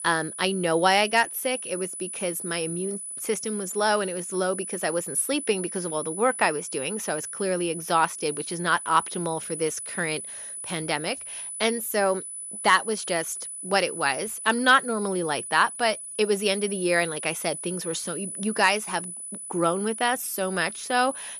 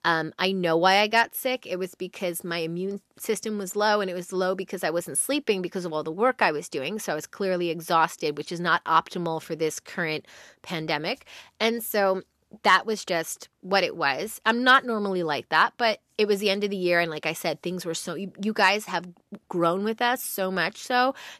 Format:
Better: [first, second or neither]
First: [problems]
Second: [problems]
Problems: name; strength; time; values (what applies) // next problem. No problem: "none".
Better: second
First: high-pitched whine; loud; throughout; 10 kHz, 8 dB below the speech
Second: none